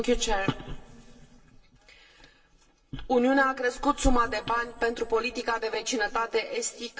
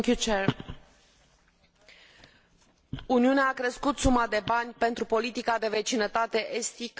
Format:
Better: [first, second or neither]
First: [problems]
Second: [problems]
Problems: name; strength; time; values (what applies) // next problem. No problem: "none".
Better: second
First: room echo; dies away in 2.8 s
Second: none